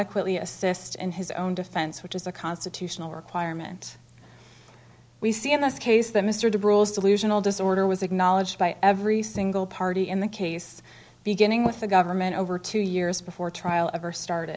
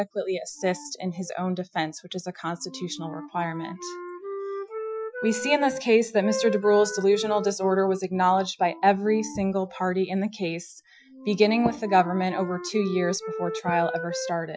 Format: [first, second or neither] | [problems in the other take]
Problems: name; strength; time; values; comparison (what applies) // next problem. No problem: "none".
first | noise reduction (classical method Wiener filter)